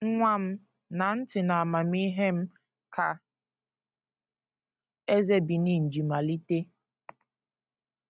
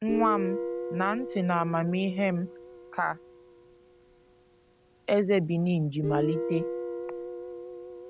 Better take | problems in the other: first | background sound (Guitar); 6 dB below the speech

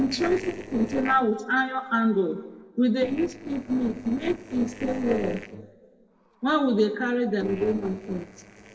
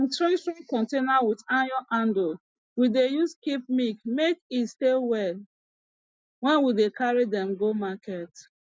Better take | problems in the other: second | noise reduction (neural separator model SepFormer DNS4)

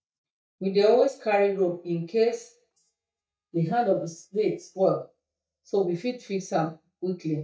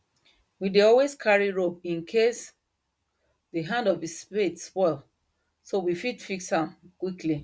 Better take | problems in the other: second | noise reduction (neural mask model DeepFilterNet 3)

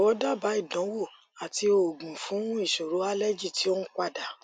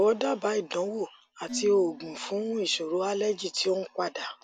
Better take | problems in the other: first | background sound (Dishes, pots, and pans); 19 dB below the speech

